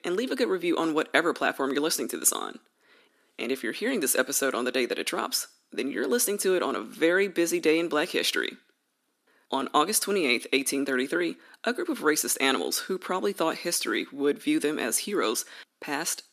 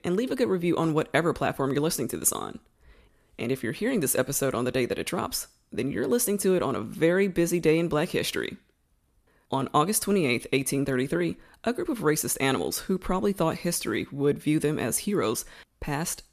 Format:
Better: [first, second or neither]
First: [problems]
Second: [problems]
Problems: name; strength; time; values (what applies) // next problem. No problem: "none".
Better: second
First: thin; very slightly; fading below 250 Hz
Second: none